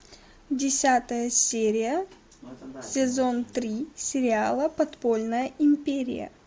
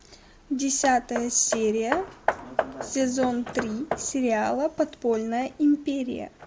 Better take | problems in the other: first | background sound (Hammer); 9 dB below the speech

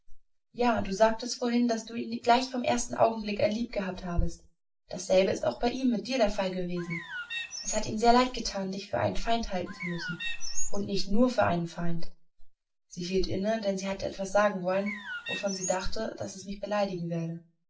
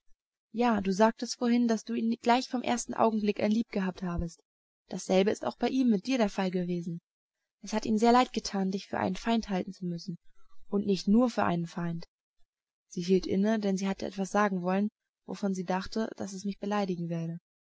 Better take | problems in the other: second | background sound (Bird); 10 dB below the speech // room echo; dies away in 0.2 s

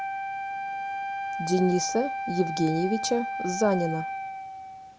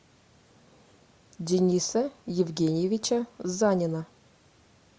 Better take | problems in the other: second | background sound (Wind instrument, woodwind instrument); 4 dB below the speech

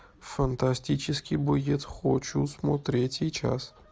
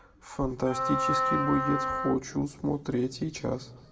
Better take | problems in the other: first | background sound (Wind instrument, woodwind instrument); as loud as the speech // room echo; dies away in 1.2 s

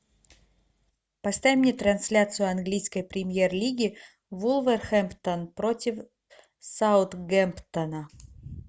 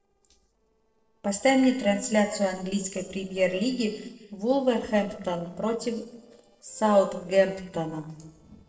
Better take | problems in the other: first | noise reduction (neural separator model SepFormer DNS4)

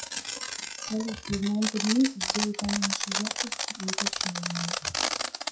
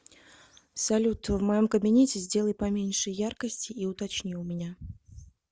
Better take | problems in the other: second | noise reduction (classical method WPE with log-MMSE)

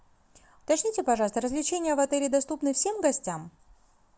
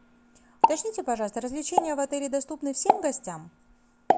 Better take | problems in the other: first | background sound (Explosion); 2 dB above the speech

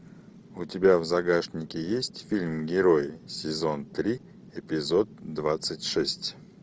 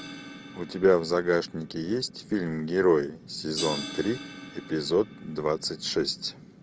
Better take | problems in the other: first | background sound (Crash cymbal); 15 dB below the speech

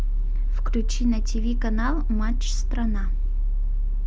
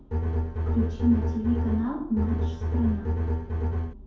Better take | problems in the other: first | background sound (Bowed string instrument); 2 dB above the speech // room echo; dies away in 2.2 s

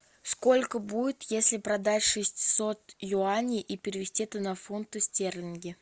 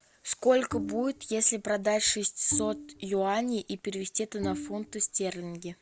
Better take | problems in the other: first | background sound (Bowed string instrument); 11 dB below the speech

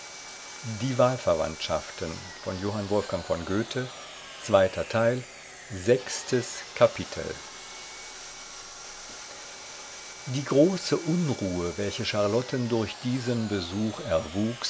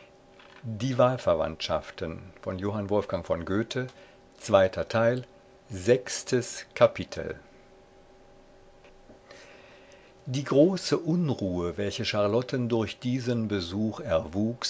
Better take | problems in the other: second | background sound (Sawing); 14 dB below the speech

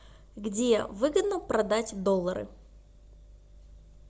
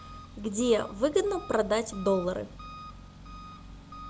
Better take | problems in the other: first | background sound (Engine); 15 dB below the speech

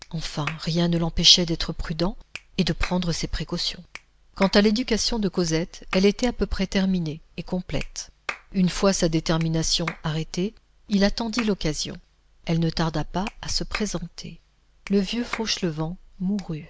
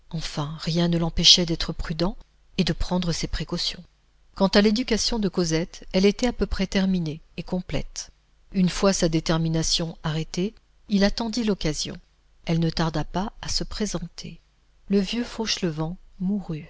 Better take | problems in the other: second | background sound (Clapping); 17 dB below the speech

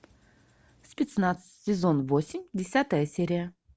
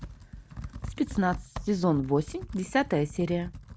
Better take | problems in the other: first | background sound (Computer keyboard); 12 dB below the speech

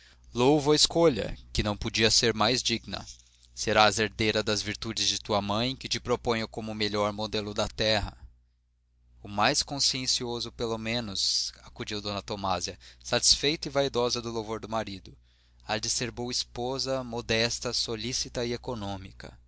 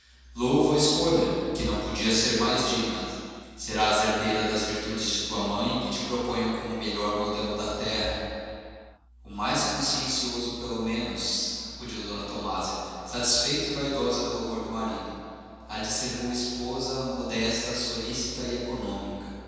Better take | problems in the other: first | room echo; dies away in 2.1 s

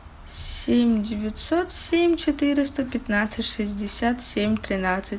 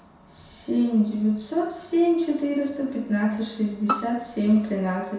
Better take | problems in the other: first | background sound (Bowed string instrument); 9 dB below the speech // room echo; dies away in 0.7 s

